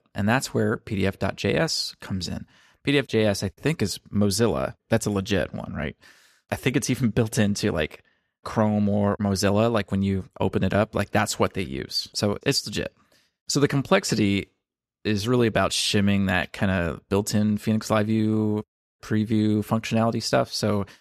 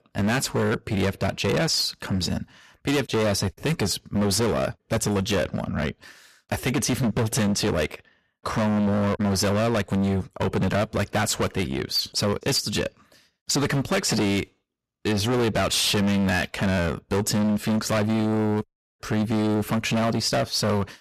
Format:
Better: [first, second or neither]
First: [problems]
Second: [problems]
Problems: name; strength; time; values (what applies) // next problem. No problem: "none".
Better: first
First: none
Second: distortion; heavy; 24% of the sound clipped